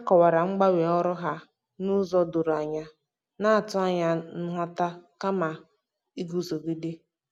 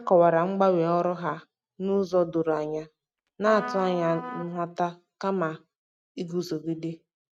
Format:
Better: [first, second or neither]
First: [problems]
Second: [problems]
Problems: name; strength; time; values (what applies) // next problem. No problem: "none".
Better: first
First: none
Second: noise reduction (neural mask model RNNoise)